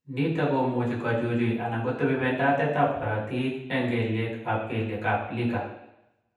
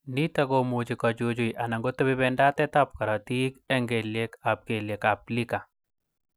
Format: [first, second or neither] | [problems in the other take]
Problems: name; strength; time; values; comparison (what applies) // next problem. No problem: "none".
second | room echo; dies away in 0.8 s